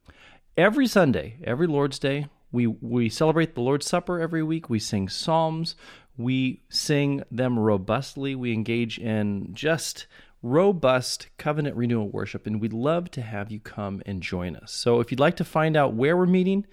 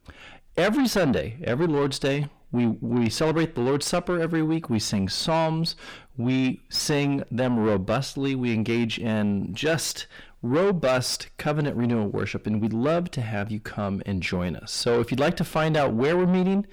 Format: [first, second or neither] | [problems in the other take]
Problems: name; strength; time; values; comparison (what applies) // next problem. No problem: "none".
first | distortion; heavy; 7 dB below the speech